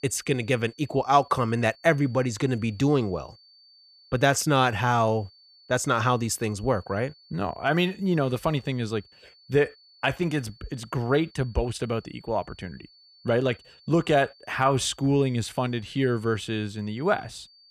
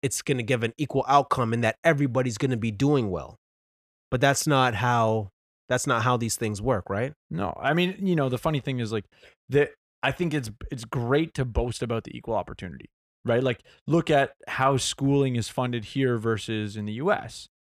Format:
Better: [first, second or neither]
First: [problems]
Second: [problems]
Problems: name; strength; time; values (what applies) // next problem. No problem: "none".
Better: second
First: high-pitched whine; faint; throughout; 4.5 kHz, 25 dB below the speech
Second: none